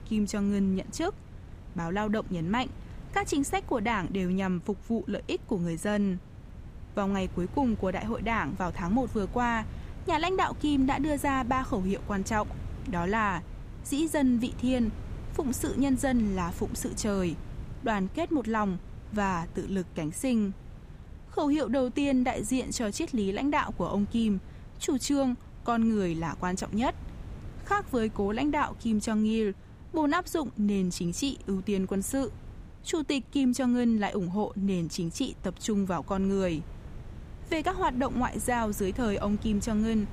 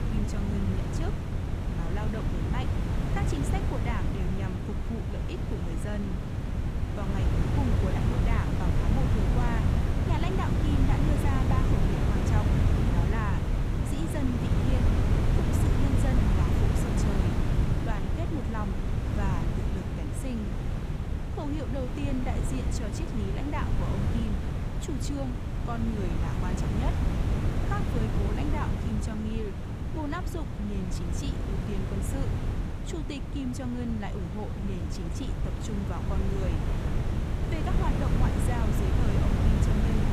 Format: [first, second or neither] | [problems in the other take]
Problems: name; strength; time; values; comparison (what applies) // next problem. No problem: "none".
first | wind noise on the microphone; heavy; 2 dB above the speech; occasional gusts in the first